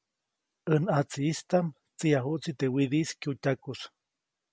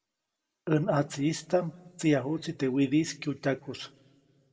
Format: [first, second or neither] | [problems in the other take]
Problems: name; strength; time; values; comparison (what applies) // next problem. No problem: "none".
first | room echo; dies away in 0.9 s